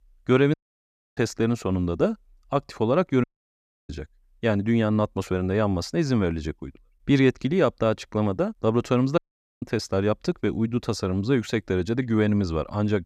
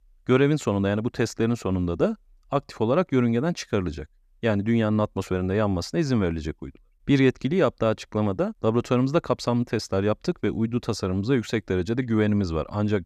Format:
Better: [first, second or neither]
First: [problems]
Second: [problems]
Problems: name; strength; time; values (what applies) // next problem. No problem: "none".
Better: second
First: audio cutting out; at 0.5 s for 0.5 s, at 3 s for 0.5 s and at 9 s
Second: none